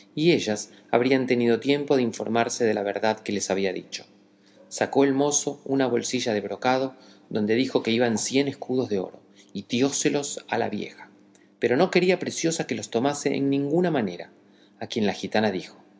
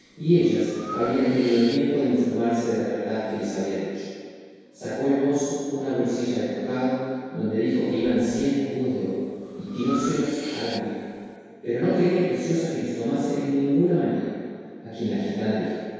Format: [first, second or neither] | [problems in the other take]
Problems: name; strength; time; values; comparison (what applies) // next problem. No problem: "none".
first | background sound (Breathing); 20 dB below the speech // room echo; dies away in 2 s